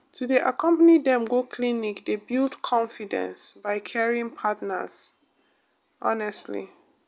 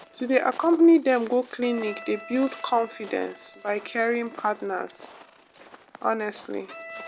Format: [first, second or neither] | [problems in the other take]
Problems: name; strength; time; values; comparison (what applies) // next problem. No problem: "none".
first | background sound (Bowed string instrument + Walk, footsteps); 19 dB below the speech